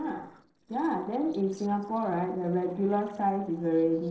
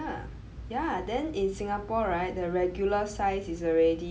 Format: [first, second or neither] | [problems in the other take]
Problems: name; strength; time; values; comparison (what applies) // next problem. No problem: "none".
second | noise reduction (neural separator model SepFormer DNS4)